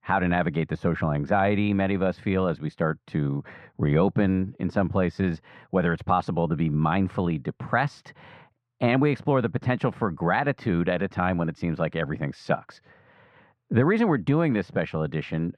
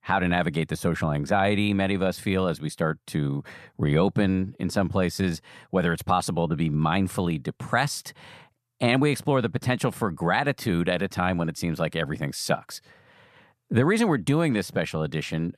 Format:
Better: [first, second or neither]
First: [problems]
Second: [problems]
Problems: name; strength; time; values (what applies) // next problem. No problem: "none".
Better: second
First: muffled; slightly; fading above 2 kHz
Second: none